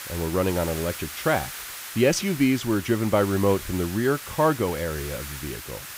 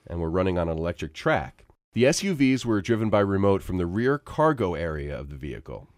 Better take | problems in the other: second | hiss; noticeable; throughout; 10 dB below the speech

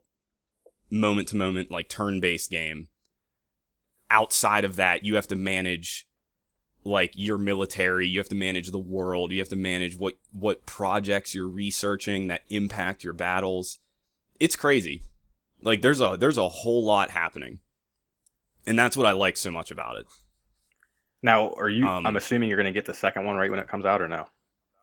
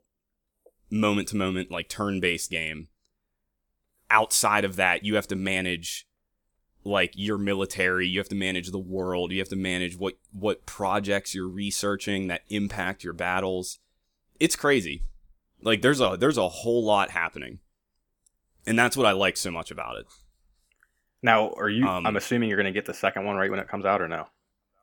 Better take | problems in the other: second | garbled, watery; slightly; nothing above 18.5 kHz

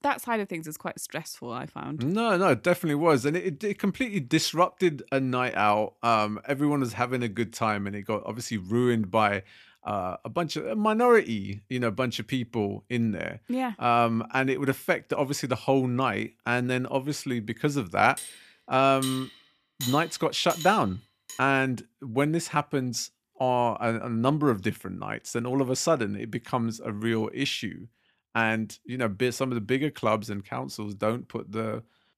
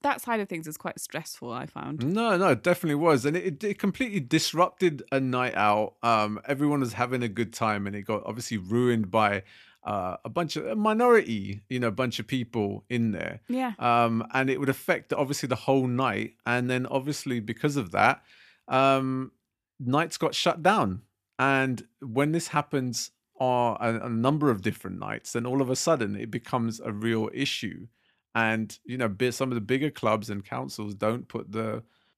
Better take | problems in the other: second | clattering dishes; noticeable; from 18 to 21 s; peak 7 dB below the speech

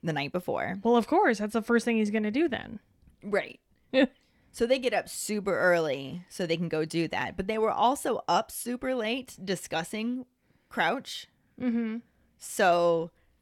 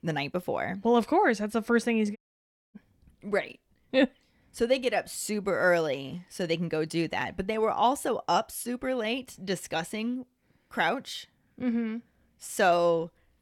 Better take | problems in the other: first | audio cutting out; at 2 s for 0.5 s

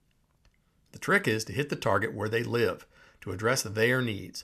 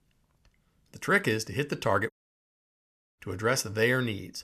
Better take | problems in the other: first | audio cutting out; at 2 s for 1 s

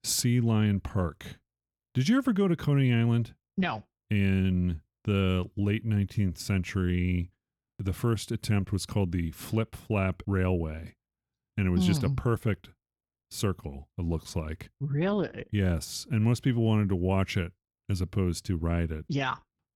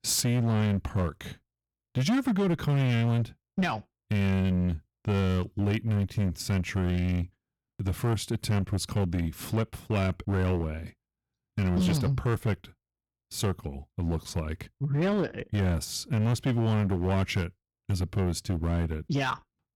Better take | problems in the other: first | distortion; slight; 12% of the sound clipped

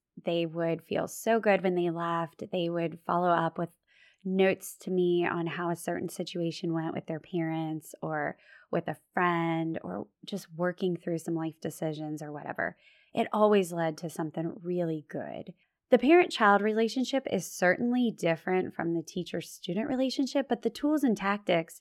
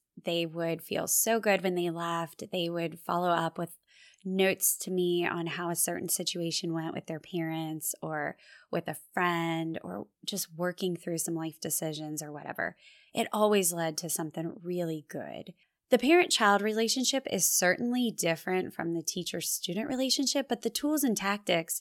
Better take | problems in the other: second | muffled; slightly; fading above 3.5 kHz

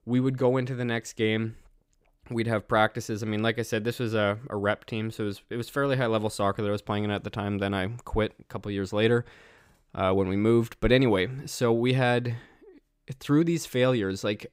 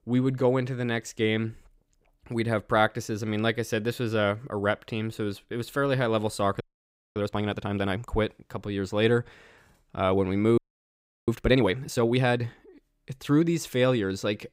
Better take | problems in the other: first | audio freezing; at 6.5 s for 0.5 s and at 11 s for 0.5 s

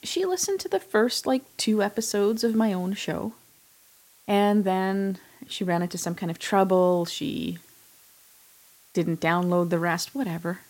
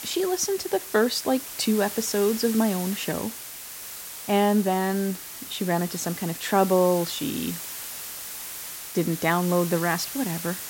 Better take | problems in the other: first | hiss; loud; throughout; 9 dB below the speech; faint in the first

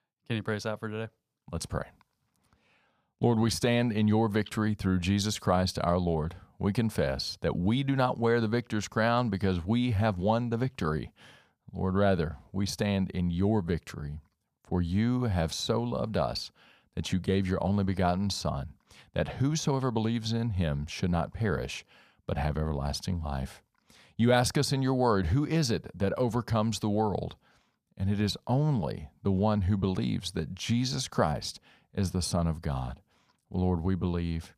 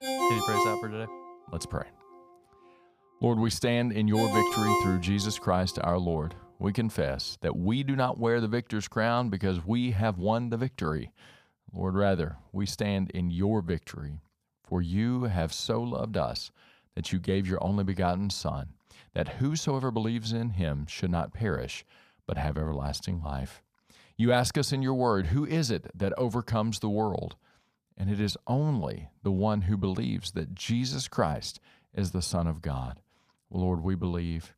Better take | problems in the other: first | phone ringing; loud; until 5.5 s; peak 4 dB above the speech

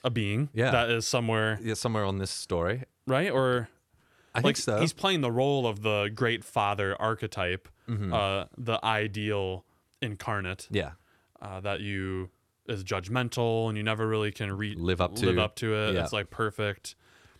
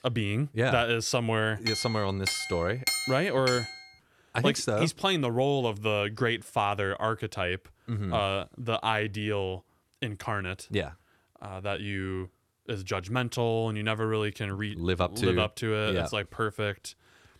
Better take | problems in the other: first | clattering dishes; loud; from 1.5 to 3.5 s; peak 1 dB above the speech

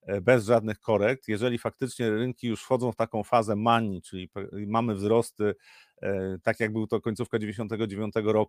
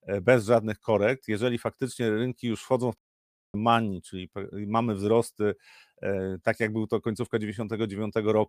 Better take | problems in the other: first | audio cutting out; at 3 s for 0.5 s

